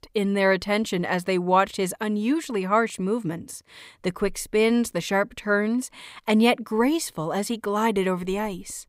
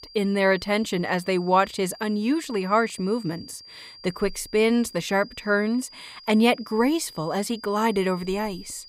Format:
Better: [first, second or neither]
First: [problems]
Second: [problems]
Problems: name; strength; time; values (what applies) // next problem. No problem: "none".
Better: first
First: none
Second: high-pitched whine; noticeable; throughout; 4.5 kHz, 20 dB below the speech